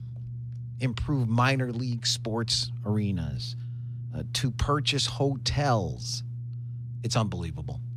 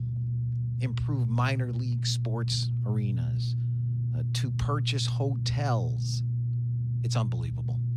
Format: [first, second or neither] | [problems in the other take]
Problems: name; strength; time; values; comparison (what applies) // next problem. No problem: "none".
first | low rumble; loud; throughout; 7 dB below the speech; faint in the first